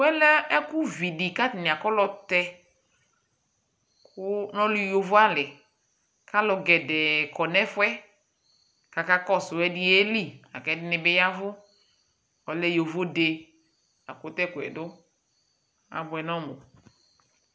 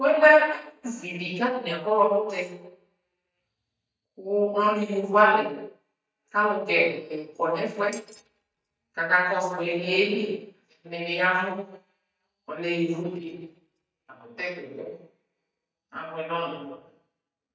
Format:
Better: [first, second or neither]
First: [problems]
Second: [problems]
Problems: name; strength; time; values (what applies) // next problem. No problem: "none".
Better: first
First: none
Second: noise reduction (neural mask model DeepFilterNet 3)